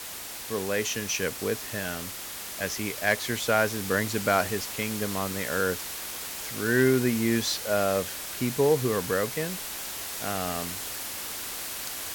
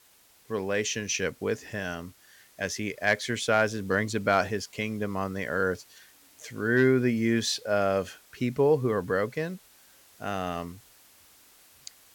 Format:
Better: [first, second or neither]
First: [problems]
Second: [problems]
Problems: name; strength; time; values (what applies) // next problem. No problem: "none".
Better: second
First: hiss; loud; throughout; 6 dB below the speech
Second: hiss; faint; throughout; 25 dB below the speech